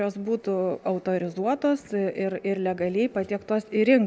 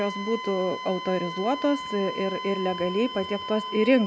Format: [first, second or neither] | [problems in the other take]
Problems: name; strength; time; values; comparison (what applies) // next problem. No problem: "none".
first | background sound (Wind instrument, woodwind instrument); 9 dB below the speech